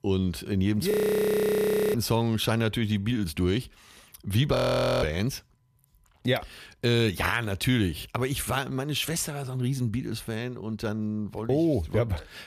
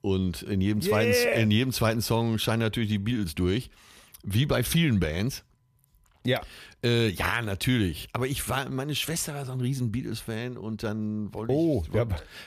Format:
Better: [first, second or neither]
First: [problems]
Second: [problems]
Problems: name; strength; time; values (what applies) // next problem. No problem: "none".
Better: second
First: audio freezing; at 1 s for 1 s and at 4.5 s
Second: none